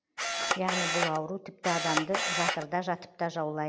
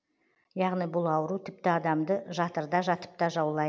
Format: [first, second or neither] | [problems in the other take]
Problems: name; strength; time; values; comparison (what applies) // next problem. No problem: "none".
second | background sound (Camera); 2 dB above the speech